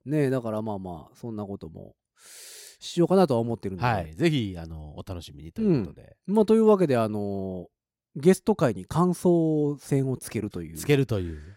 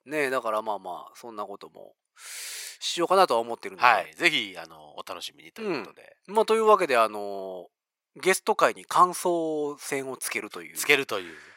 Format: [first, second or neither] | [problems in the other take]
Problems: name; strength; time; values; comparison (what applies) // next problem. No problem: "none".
first | thin; very; fading below 700 Hz